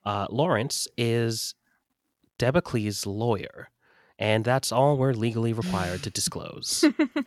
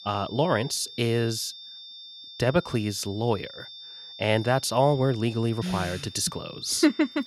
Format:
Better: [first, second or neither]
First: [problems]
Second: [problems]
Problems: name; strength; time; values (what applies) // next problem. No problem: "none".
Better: first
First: none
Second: high-pitched whine; noticeable; throughout; 3.5 kHz, 15 dB below the speech